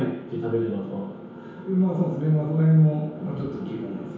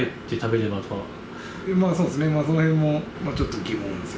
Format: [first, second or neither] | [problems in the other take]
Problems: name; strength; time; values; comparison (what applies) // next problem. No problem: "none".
second | room echo; dies away in 1 s